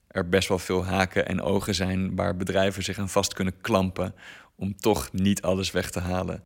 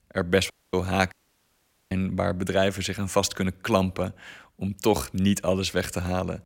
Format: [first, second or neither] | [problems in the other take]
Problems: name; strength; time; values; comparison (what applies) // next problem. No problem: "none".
first | audio cutting out; at 0.5 s and at 1 s for 1 s